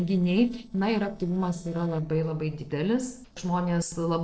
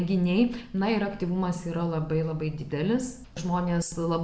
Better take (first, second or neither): second